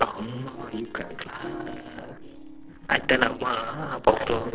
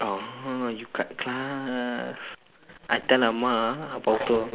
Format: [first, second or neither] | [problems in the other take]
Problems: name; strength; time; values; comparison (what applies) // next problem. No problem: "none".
second | noise reduction (neural separator model SepFormer DNS4)